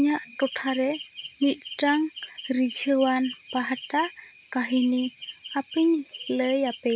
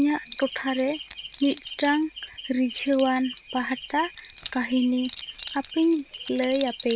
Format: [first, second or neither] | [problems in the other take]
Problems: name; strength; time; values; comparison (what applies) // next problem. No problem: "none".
first | background sound (Keys jangling); 20 dB below the speech